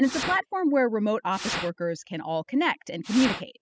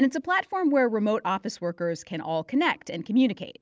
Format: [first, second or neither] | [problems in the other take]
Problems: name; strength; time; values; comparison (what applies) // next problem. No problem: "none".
second | noise reduction (classical method spectral subtraction)